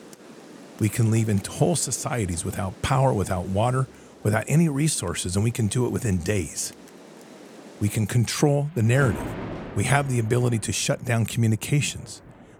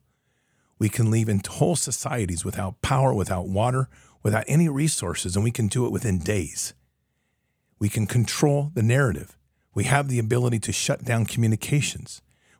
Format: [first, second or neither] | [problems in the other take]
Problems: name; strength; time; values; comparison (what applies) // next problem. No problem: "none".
second | rain or running water; noticeable; throughout; 20 dB below the speech